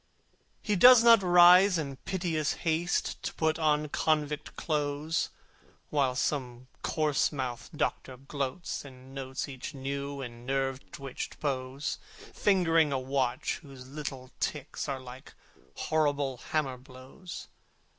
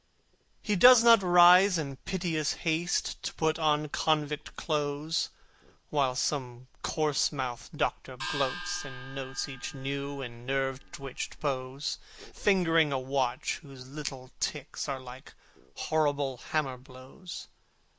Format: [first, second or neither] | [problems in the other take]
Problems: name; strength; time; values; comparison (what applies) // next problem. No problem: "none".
first | background sound (Gong); 11 dB below the speech